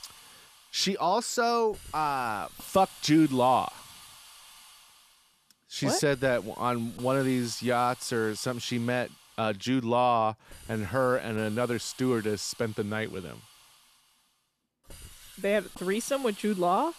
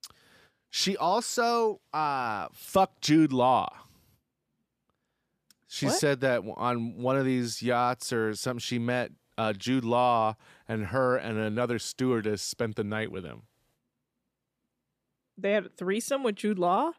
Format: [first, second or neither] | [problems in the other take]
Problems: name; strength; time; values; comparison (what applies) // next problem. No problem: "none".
second | hiss; noticeable; throughout; 20 dB below the speech